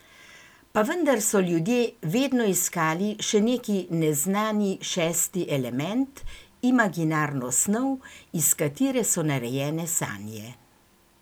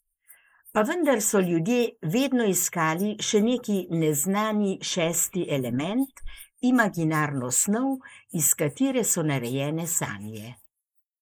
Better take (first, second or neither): first